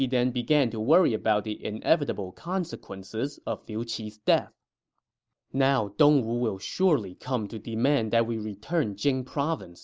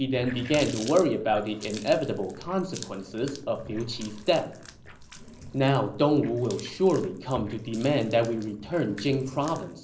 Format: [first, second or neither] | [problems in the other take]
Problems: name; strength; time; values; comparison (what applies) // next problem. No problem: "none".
first | background sound (Water tap, faucet); 16 dB below the speech // room echo; dies away in 0.5 s